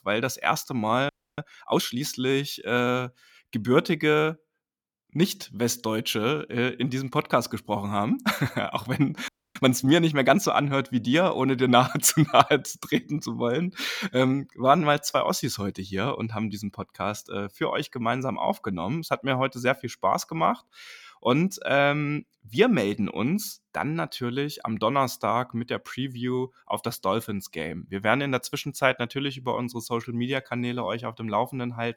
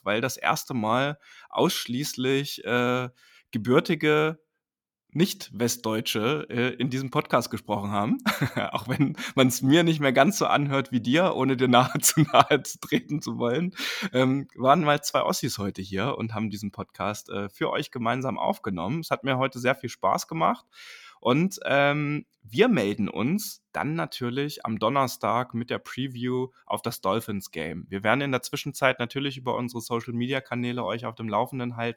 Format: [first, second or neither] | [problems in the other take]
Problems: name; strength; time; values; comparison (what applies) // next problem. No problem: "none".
second | audio freezing; at 1 s and at 9.5 s